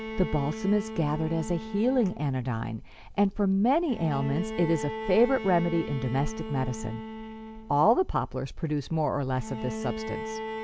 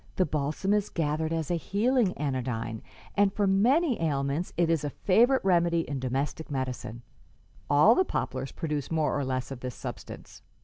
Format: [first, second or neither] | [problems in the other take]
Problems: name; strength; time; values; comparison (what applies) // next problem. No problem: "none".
second | background sound (Bowed string instrument); 10 dB below the speech